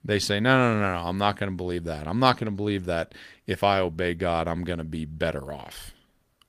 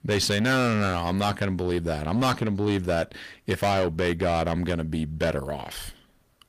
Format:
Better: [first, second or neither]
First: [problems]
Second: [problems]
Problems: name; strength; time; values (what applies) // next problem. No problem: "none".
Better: first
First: none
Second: distortion; heavy; 6 dB below the speech